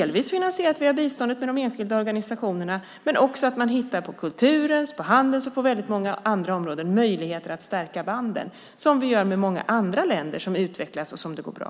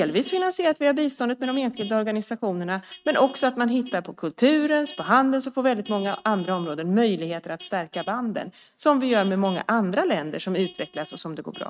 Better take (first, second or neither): first